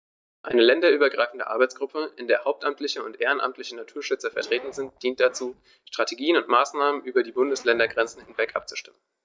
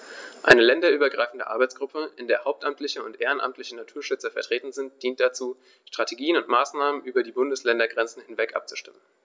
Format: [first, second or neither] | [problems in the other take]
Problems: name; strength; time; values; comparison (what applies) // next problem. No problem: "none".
second | noise reduction (neural mask model DeepFilterNet 3)